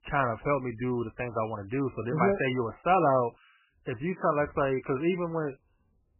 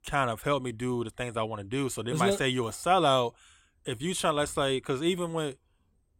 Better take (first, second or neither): second